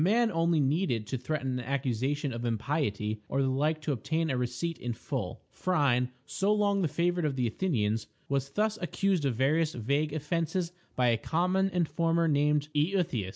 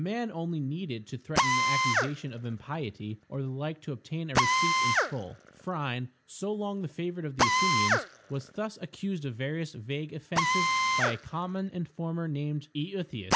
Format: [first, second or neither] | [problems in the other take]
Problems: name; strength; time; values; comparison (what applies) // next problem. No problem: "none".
first | background sound (Drill); 2 dB above the speech